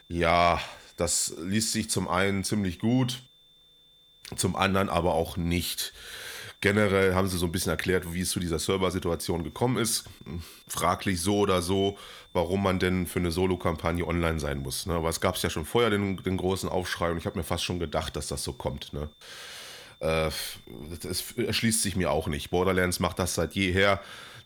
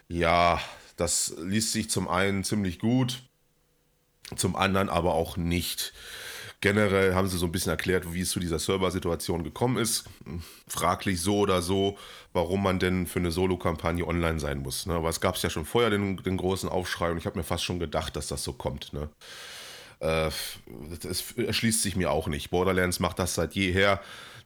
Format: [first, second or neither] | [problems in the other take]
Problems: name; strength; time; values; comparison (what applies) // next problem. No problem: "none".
second | high-pitched whine; faint; throughout; 3.5 kHz, 30 dB below the speech